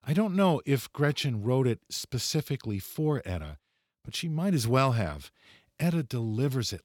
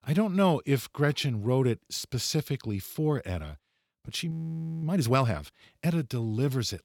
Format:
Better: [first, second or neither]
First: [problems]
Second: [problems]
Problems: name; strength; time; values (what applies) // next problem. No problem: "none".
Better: first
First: none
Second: audio freezing; at 4.5 s for 0.5 s